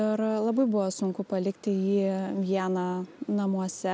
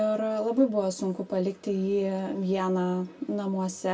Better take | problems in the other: first | room echo; dies away in 0.2 s

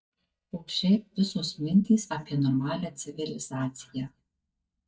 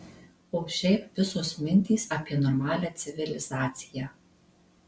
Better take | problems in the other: second | noise reduction (neural mask model DeepFilterNet 3)

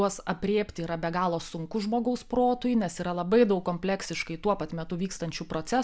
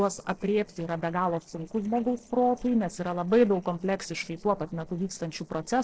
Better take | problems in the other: first | noise reduction (neural separator model SepFormer DNS4)

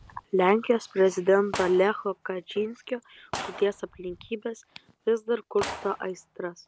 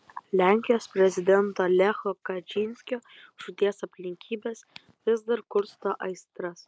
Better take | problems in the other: second | background sound (Gunshot, gunfire); 15 dB below the speech

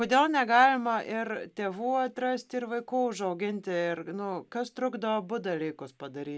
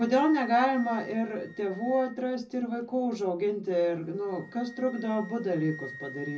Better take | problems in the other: first | background sound (Wind instrument, woodwind instrument); 18 dB below the speech // room echo; dies away in 0.4 s

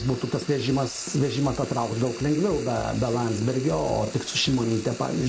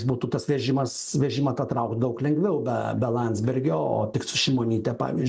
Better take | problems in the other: second | background sound (Drum kit + Frying (food)); 13 dB below the speech

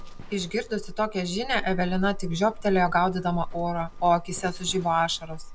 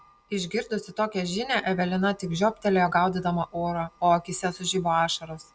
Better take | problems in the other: second | background sound (Livestock, farm animals, working animals); 9 dB below the speech

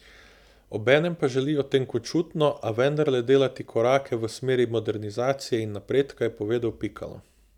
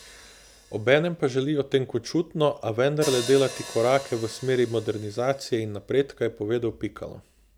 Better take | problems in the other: first | background sound (Hi-hat); 17 dB below the speech

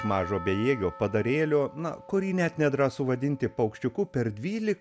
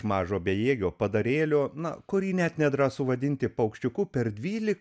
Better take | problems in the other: second | background sound (Percussion); 17 dB below the speech

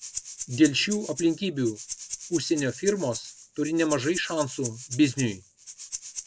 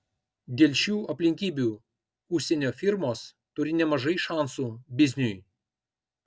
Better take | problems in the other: second | background sound (Rattle (instrument)); 11 dB below the speech

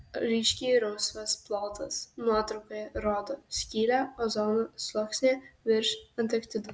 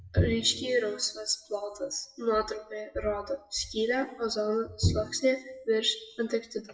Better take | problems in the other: first | noise reduction (classical method WPE with log-MMSE)

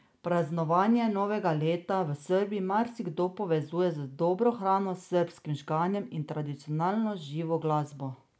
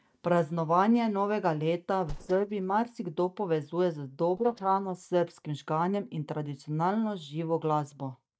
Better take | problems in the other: first | noise reduction (neural mask model DeepFilterNet 3)

